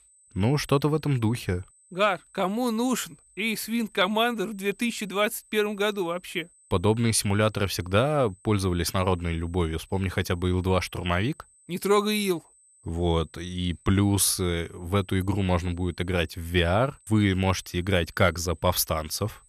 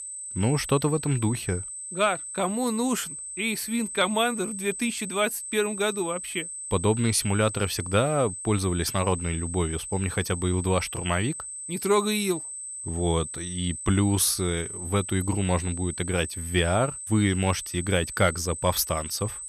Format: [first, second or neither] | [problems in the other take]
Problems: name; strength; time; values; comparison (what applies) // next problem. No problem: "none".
first | high-pitched whine; loud; throughout; 8.5 kHz, 7 dB below the speech; faint in the first